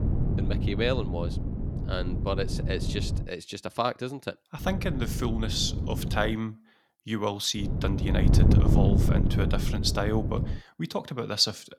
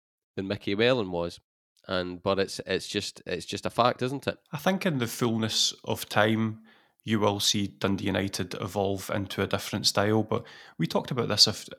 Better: second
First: wind noise on the microphone; heavy; until 3 s, from 4.5 to 6.5 s and from 7.5 to 11 s; 7 dB below the speech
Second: none

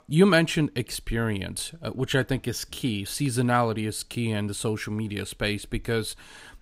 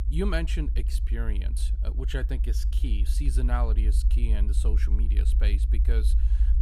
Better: first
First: none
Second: low rumble; loud; throughout; 9 dB below the speech

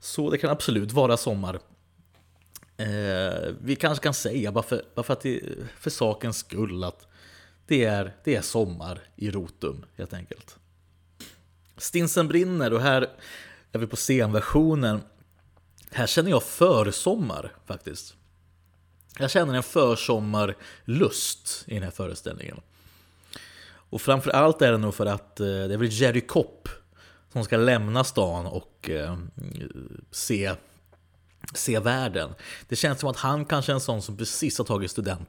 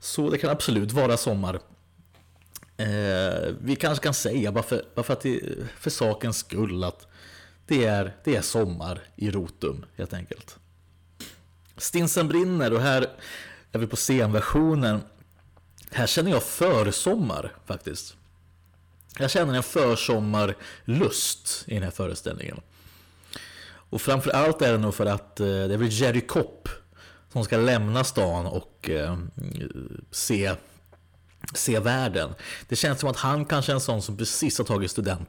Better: first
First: none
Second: distortion; slight; 10 dB below the speech

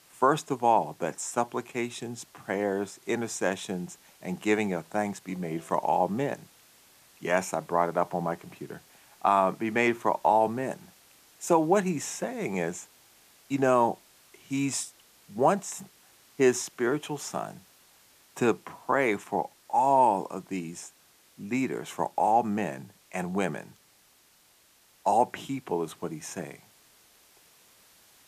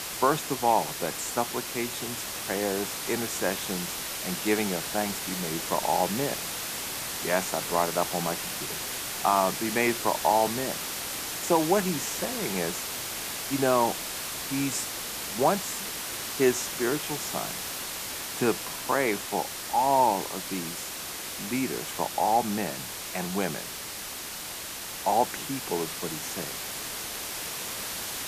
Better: first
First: hiss; faint; throughout; 30 dB below the speech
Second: hiss; loud; throughout; 3 dB below the speech

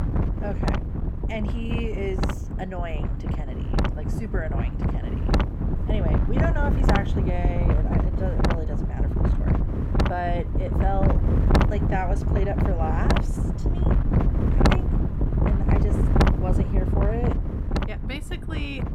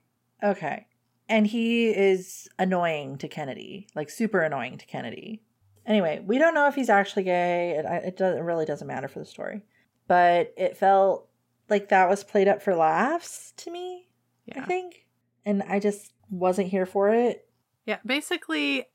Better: second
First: wind noise on the microphone; heavy; 1 dB above the speech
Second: none

